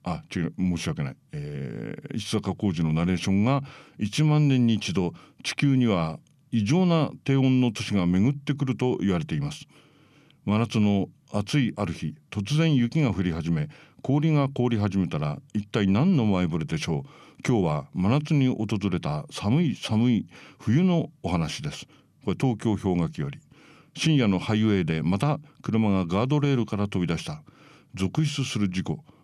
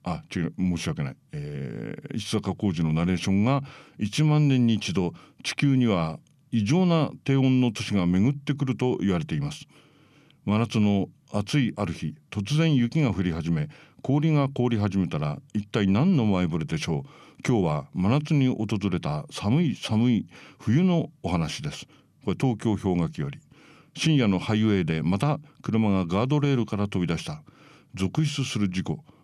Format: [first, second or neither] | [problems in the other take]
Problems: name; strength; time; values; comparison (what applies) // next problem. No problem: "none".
neither | none